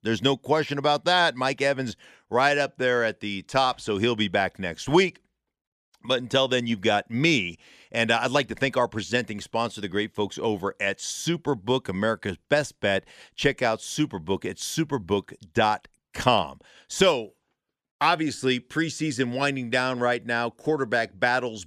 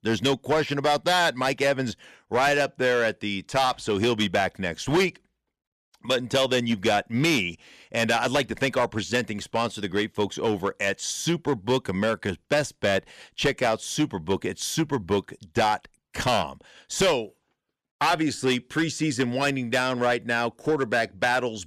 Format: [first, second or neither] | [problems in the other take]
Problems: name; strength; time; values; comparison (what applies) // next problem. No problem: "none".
first | distortion; slight; 6% of the sound clipped